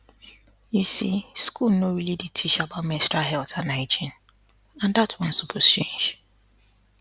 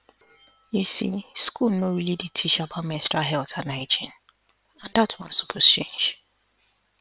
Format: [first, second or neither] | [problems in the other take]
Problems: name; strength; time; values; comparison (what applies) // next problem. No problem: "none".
first | noise reduction (neural separator model SepFormer WHAM!)